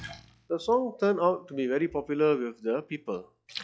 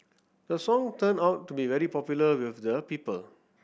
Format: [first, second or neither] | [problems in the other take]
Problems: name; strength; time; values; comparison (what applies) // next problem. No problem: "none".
second | noise reduction (classical method log-MMSE)